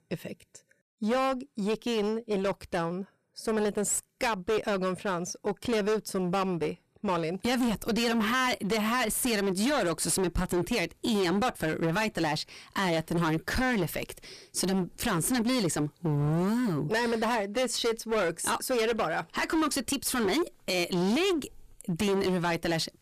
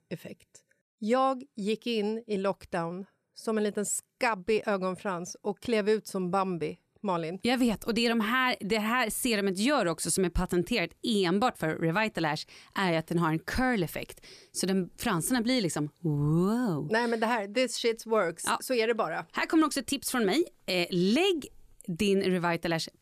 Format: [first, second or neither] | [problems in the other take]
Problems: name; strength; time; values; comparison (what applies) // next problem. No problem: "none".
second | distortion; heavy; 19% of the sound clipped